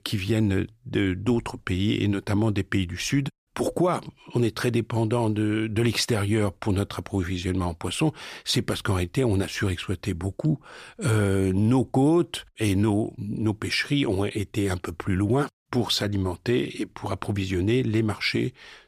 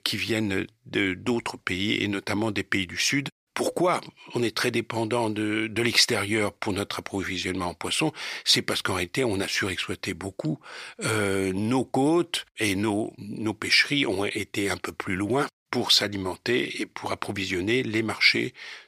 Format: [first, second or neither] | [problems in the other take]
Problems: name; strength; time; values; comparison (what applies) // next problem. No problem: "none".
first | thin; very slightly; fading below 850 Hz